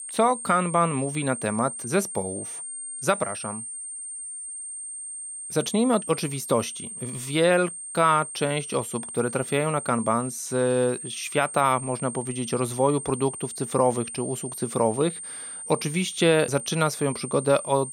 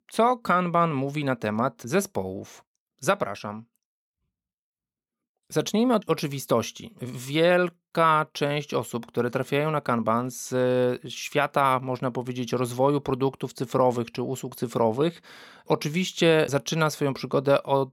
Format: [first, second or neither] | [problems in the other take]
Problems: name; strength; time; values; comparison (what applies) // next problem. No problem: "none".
second | high-pitched whine; loud; throughout; 8.5 kHz, 8 dB below the speech